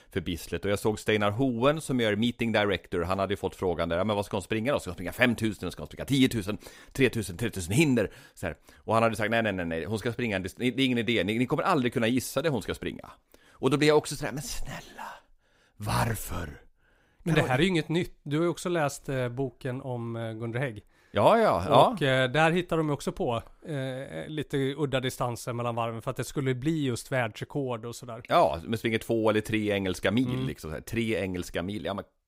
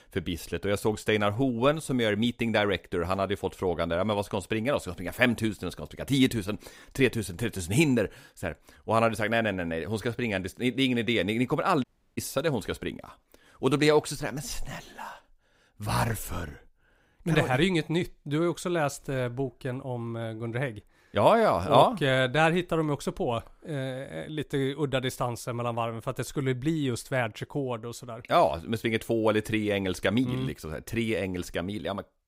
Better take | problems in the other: first | audio cutting out; at 12 s

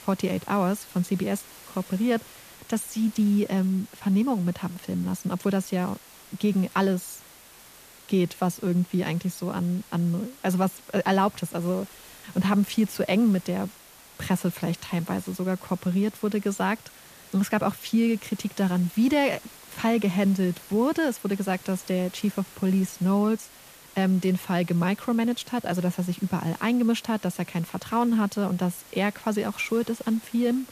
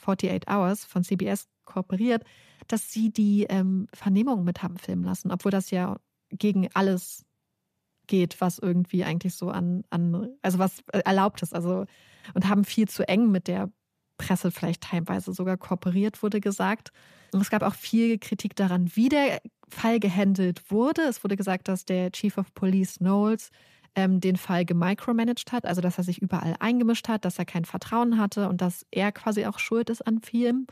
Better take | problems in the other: second | hiss; faint; throughout; 20 dB below the speech

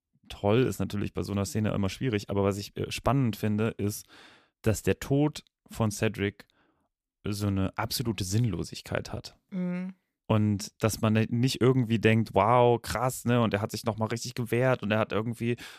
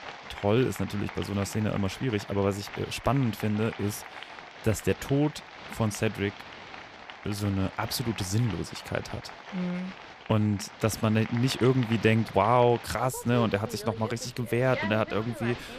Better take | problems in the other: first | crowd noise; noticeable; throughout; 15 dB below the speech

